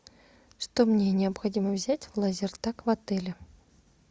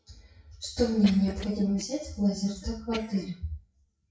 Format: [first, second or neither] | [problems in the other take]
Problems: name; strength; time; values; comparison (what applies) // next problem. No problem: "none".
first | noise reduction (classical method WPE with log-MMSE)